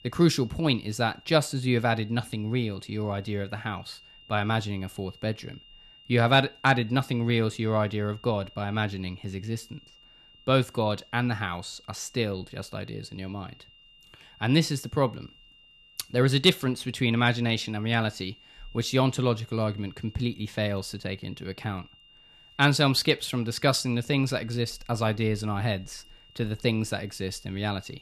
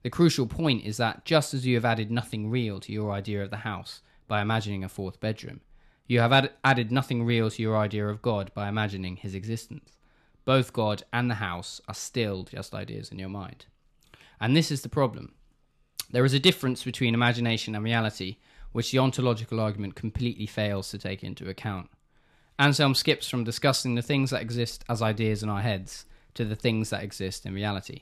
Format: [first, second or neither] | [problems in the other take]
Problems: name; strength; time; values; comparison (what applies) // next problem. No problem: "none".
second | high-pitched whine; faint; throughout; 3 kHz, 25 dB below the speech